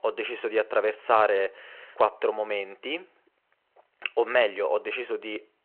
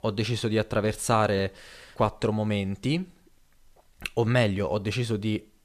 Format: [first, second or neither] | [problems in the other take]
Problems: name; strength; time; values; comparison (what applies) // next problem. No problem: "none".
second | phone-call audio